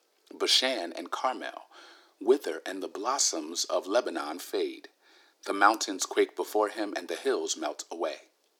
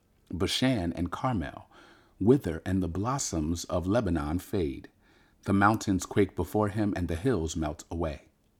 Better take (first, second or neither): second